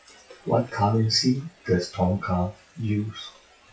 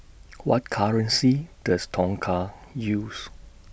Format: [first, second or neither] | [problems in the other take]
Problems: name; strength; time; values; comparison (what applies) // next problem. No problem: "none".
second | noise reduction (classical method WPE with log-MMSE)